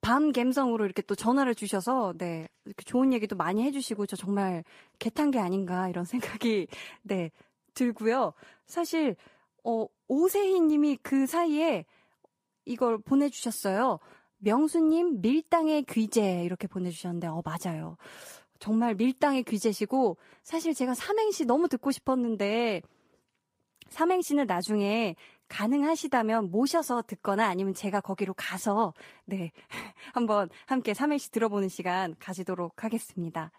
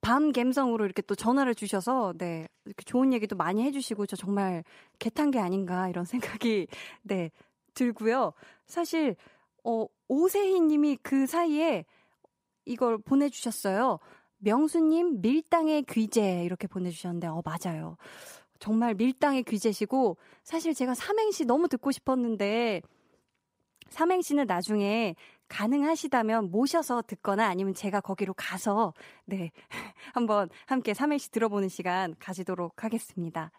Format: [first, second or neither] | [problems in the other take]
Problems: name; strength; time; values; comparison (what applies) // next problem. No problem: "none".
second | garbled, watery; slightly; nothing above 15.5 kHz